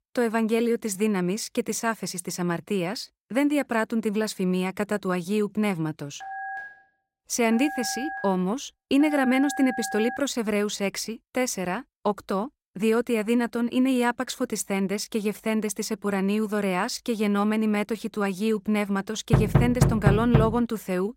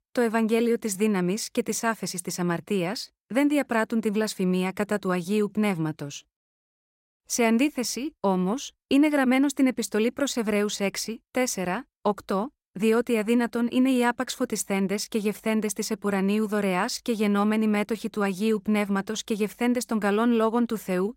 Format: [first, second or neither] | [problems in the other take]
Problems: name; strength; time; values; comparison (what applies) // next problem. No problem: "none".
second | phone ringing; noticeable; from 6 to 10 s; peak 7 dB below the speech // door banging; loud; from 19 to 21 s; peak 4 dB above the speech